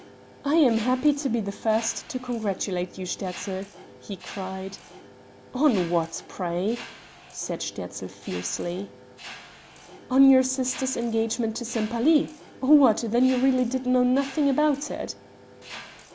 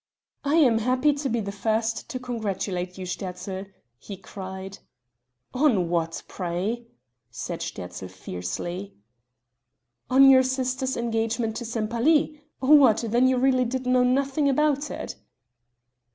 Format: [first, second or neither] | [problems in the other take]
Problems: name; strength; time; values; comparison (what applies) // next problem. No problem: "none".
second | background sound (Mechanisms); 19 dB below the speech